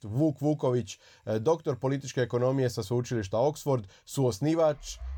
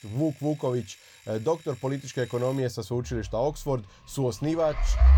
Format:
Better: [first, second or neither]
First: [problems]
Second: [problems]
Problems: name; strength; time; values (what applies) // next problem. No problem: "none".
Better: first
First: alarms or sirens; faint; throughout; 25 dB below the speech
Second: alarms or sirens; loud; throughout; 5 dB below the speech